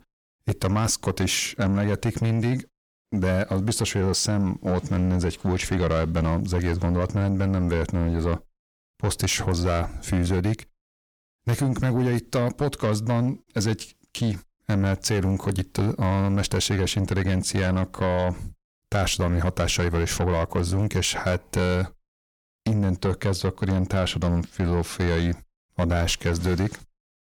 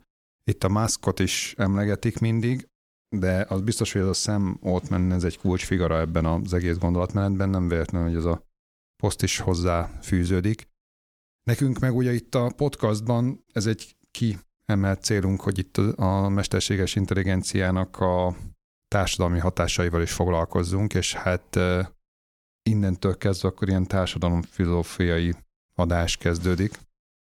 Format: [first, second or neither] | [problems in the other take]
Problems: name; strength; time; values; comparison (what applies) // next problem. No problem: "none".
second | distortion; slight; 10 dB below the speech